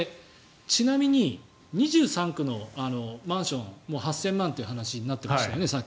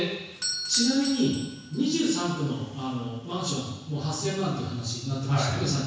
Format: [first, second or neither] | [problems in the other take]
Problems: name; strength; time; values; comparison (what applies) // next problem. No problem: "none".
first | background sound (Doorbell); 11 dB below the speech // room echo; dies away in 1.1 s